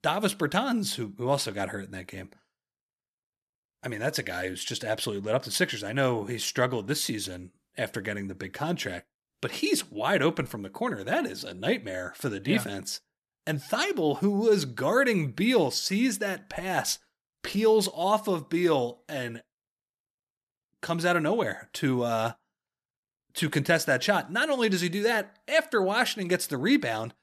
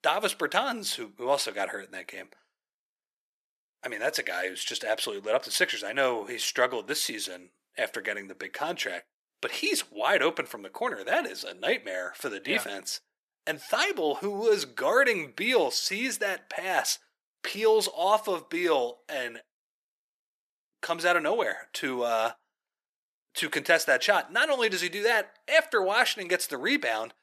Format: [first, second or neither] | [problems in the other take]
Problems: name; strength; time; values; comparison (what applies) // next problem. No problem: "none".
first | thin; somewhat; fading below 500 Hz